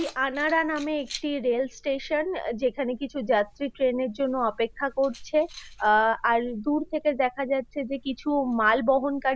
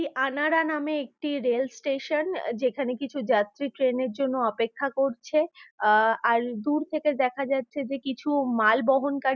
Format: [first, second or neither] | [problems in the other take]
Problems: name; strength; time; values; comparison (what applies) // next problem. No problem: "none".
second | background sound (Keys jangling); 20 dB below the speech